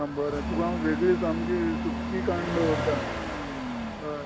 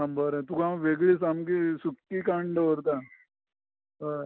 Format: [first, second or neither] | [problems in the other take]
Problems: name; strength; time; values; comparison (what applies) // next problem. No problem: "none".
second | background sound (Engine starting / Accelerating, revving, vroom / Motor vehicle (road)); 2 dB below the speech